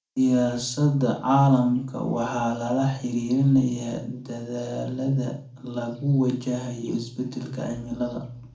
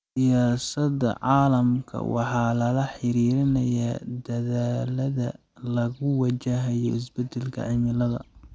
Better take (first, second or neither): second